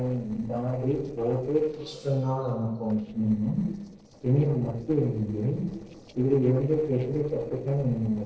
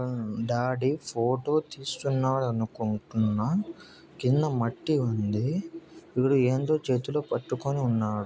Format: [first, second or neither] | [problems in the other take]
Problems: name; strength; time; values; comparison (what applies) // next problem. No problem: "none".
second | noise reduction (neural separator model SepFormer DNS4)